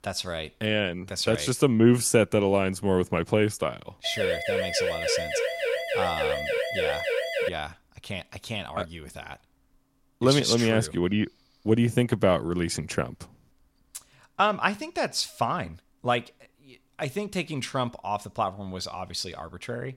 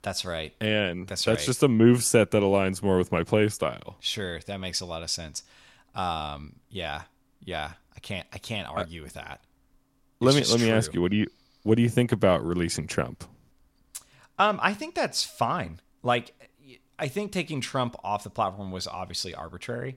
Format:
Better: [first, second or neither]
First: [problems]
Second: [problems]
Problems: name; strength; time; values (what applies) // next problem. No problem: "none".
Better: second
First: siren; loud; from 4 to 7.5 s; peak level with the speech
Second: none